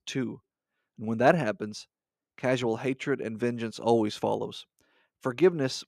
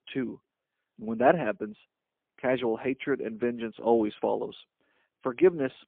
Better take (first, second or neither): first